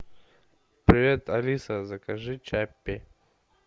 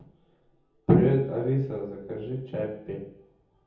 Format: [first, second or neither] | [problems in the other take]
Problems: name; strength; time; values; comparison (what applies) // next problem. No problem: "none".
first | room echo; dies away in 0.7 s